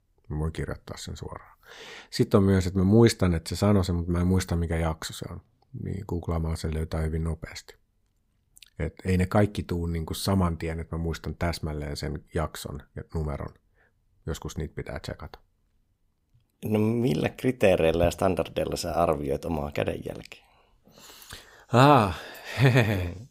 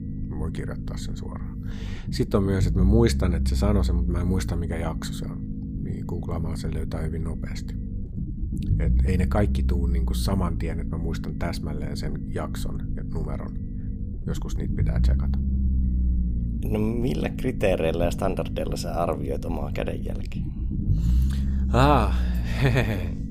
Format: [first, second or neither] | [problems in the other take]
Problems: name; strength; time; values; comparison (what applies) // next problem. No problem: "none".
first | low rumble; noticeable; throughout; 10 dB below the speech